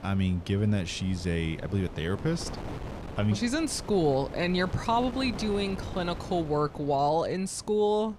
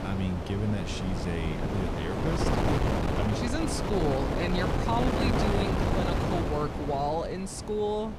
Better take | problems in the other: first | wind noise on the microphone; heavy; 1 dB above the speech; occasional gusts in the first

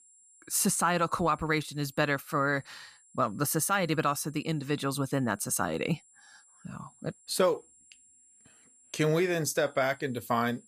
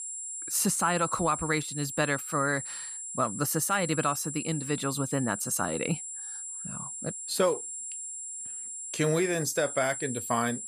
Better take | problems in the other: first | high-pitched whine; loud; throughout; 7.5 kHz, 6 dB below the speech; faint in the first

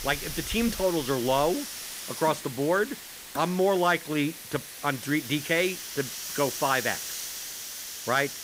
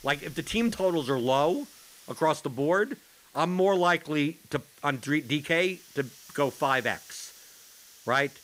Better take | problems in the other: second | hiss; loud; throughout; 8 dB below the speech; faint in the second

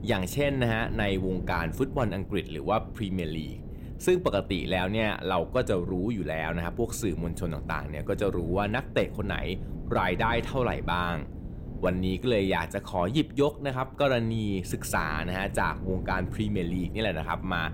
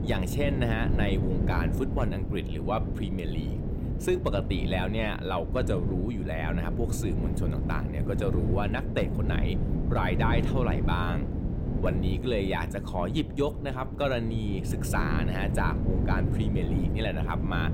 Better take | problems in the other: first | wind noise on the microphone; heavy; 6 dB below the speech; occasional gusts in the first

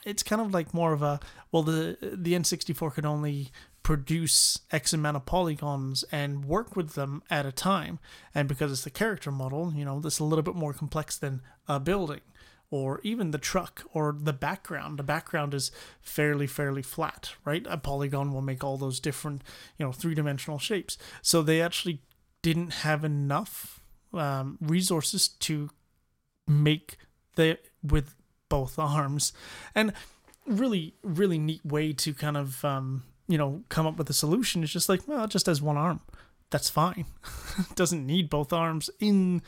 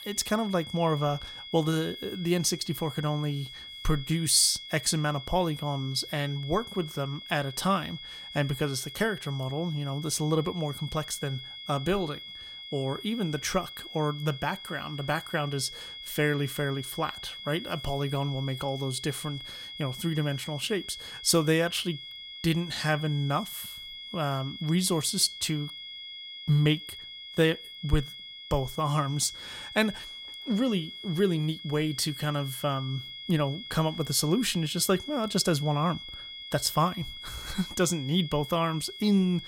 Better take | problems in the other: first | high-pitched whine; noticeable; throughout; 3.5 kHz, 10 dB below the speech

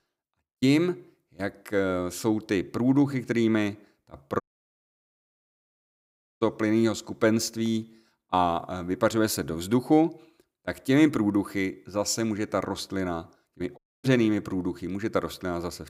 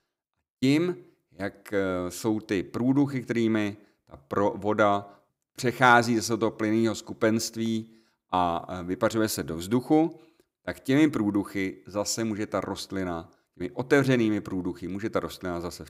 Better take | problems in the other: second | audio cutting out; at 4.5 s for 2 s and at 14 s

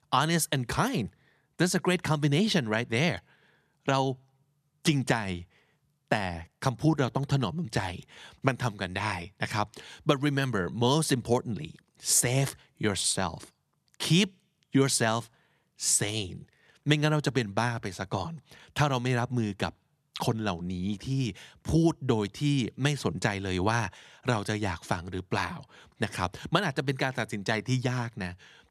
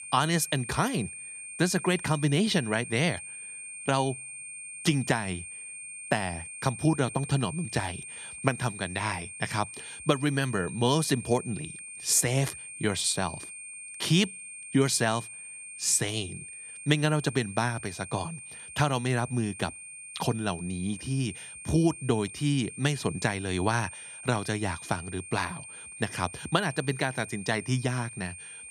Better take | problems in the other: first | high-pitched whine; noticeable; throughout; 8.5 kHz, 10 dB below the speech

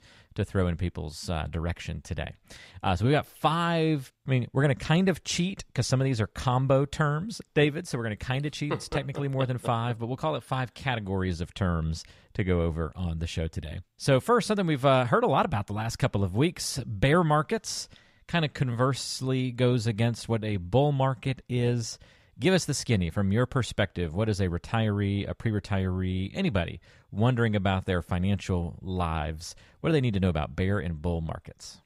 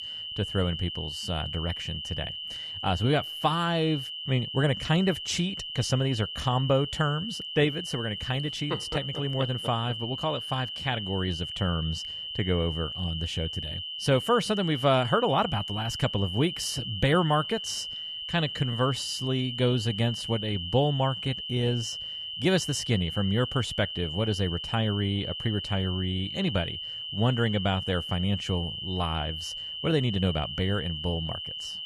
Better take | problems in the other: first | high-pitched whine; loud; throughout; 3 kHz, 5 dB below the speech

